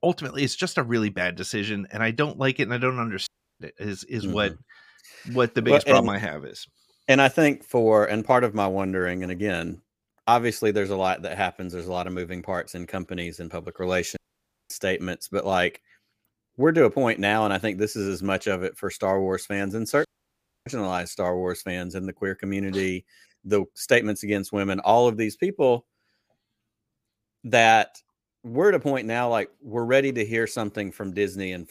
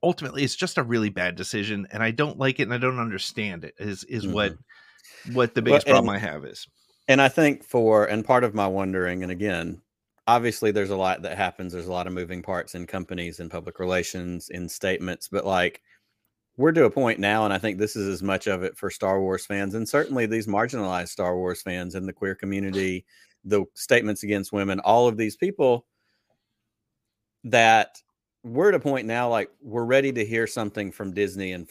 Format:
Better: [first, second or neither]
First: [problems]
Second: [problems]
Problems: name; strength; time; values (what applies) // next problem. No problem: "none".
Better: second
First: audio cutting out; at 3.5 s, at 14 s for 0.5 s and at 20 s for 0.5 s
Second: none